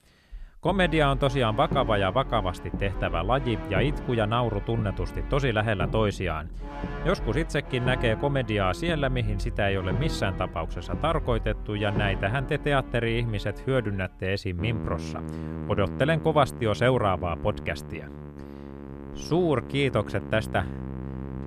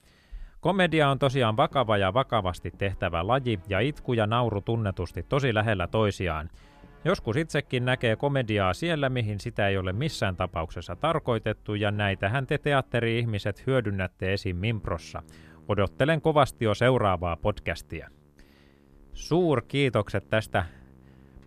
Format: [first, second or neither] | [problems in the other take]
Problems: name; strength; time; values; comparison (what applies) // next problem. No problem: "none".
second | background music; loud; throughout; 9 dB below the speech; faint in the second